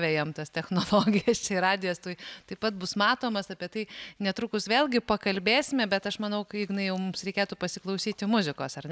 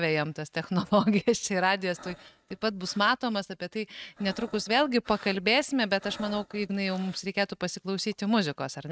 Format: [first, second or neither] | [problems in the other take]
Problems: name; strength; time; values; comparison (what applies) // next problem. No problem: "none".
first | noise reduction (neural mask model RNNoise)